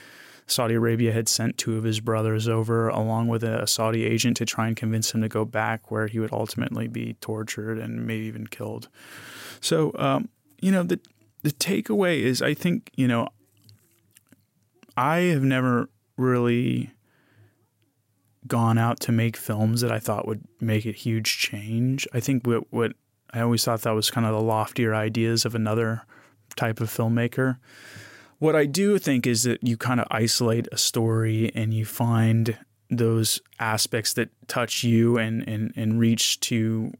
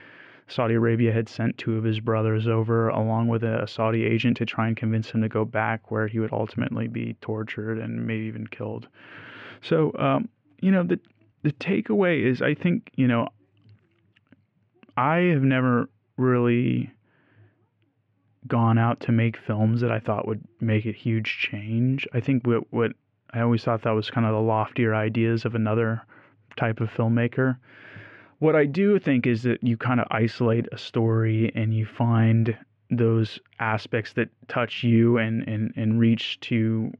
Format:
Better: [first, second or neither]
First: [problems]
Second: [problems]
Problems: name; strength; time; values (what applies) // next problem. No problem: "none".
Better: first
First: none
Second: muffled; very; fading above 2.5 kHz